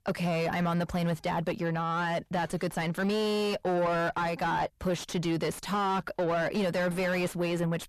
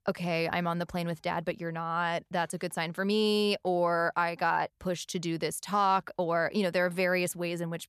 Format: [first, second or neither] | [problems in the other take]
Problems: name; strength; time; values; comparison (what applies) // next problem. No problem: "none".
second | distortion; heavy; 6 dB below the speech